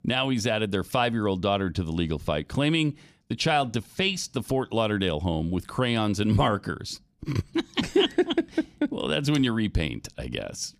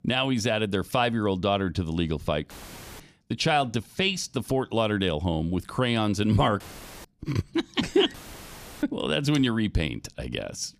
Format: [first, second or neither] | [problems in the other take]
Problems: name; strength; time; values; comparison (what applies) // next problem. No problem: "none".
first | audio cutting out; filled with static; at 2.5 s for 0.5 s, at 6.5 s and at 8 s for 0.5 s